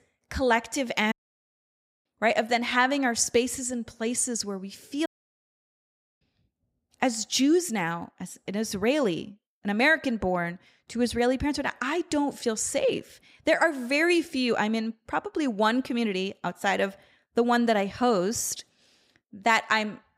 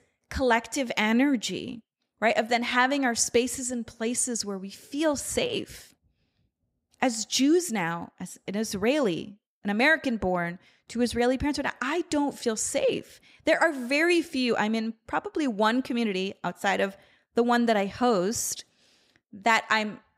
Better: second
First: audio cutting out; at 1 s for 1 s and at 5 s for 1 s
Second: none

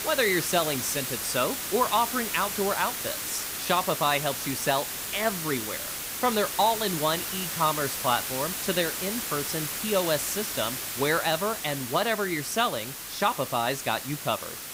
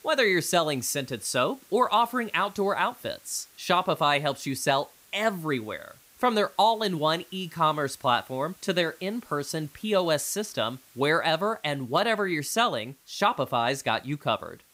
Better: second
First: hiss; loud; throughout; 3 dB below the speech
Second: hiss; faint; throughout; 25 dB below the speech

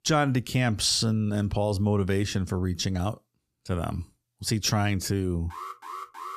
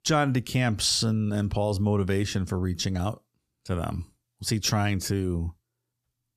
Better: second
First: alarm; faint; at 5.5 s; peak 10 dB below the speech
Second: none

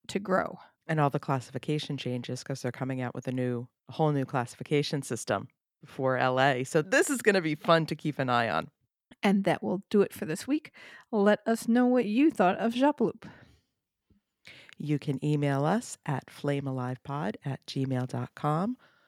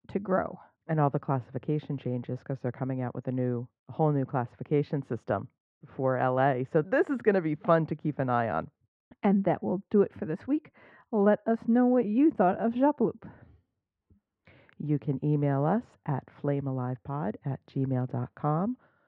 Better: first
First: none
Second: muffled; very; fading above 1 kHz

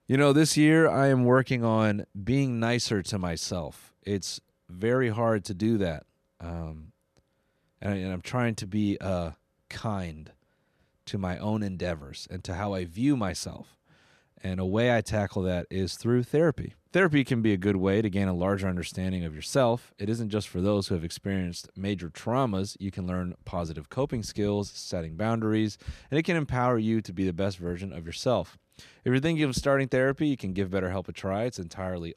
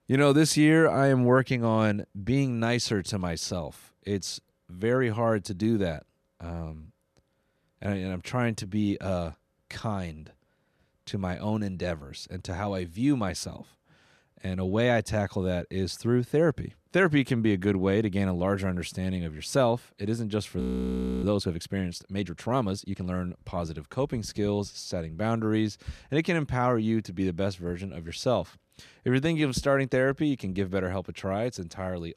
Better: first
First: none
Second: audio freezing; at 21 s for 0.5 s

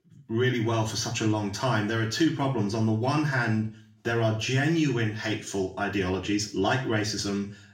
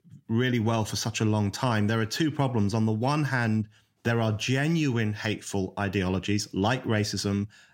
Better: second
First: room echo; slight; dies away in 0.4 s // off-mic speech; far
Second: none

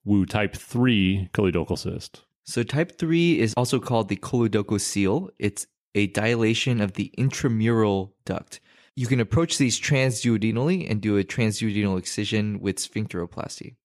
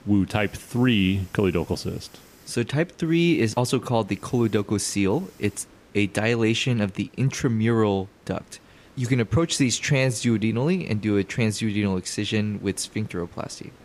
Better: first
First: none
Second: hiss; faint; throughout; 25 dB below the speech

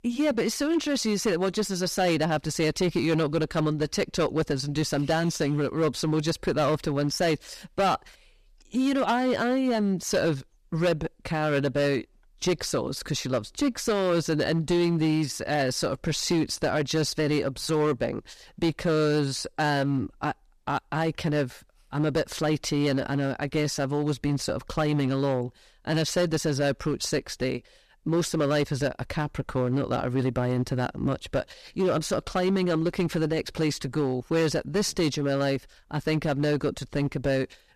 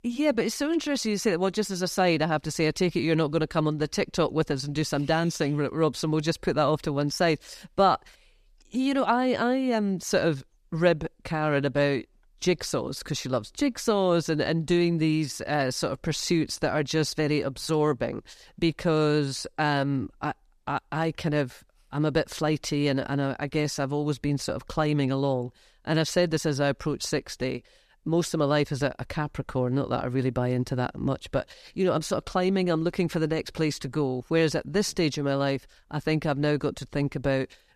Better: second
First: distortion; slight; 8% of the sound clipped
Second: none

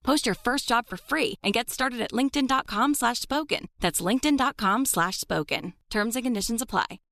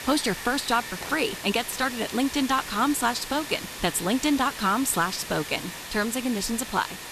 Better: first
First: none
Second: hiss; loud; throughout; 9 dB below the speech

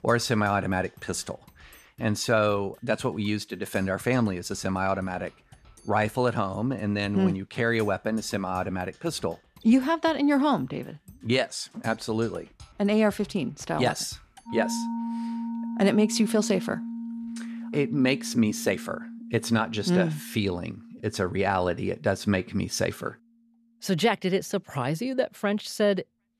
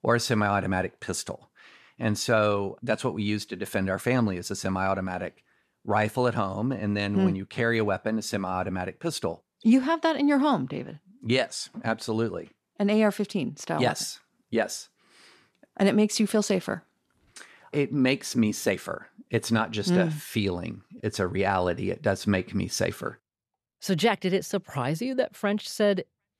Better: second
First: background music; noticeable; throughout; 10 dB below the speech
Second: none

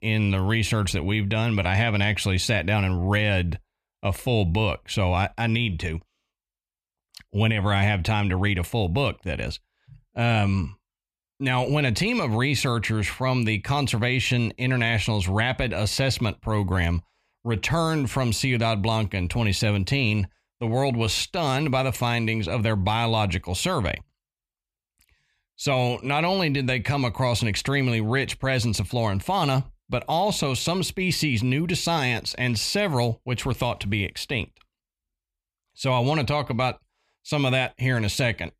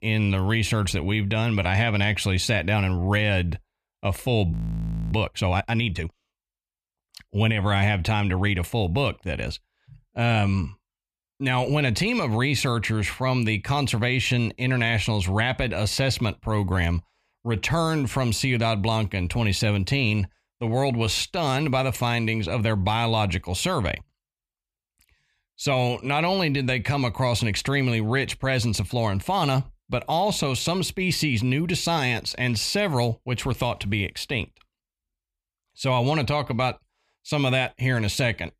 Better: first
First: none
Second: audio freezing; at 4.5 s for 0.5 s

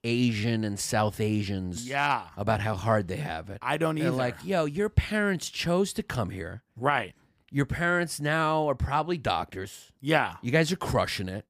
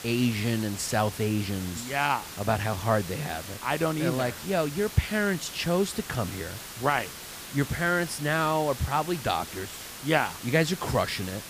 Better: first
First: none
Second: hiss; noticeable; throughout; 10 dB below the speech

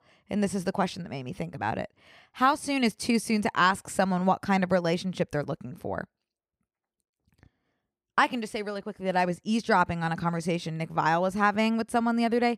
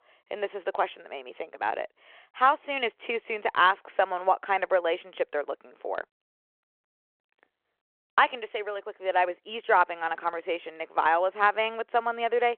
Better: first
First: none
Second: phone-call audio

